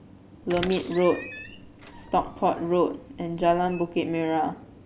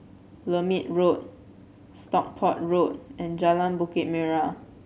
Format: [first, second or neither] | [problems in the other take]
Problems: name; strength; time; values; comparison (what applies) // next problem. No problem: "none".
second | background sound (Squeak); 15 dB below the speech